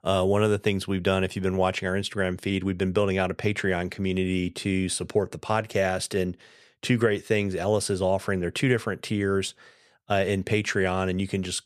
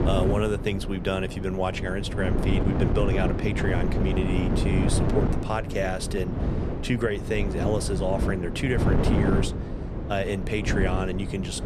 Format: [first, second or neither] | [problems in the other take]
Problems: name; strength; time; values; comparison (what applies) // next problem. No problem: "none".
first | wind noise on the microphone; heavy; 4 dB below the speech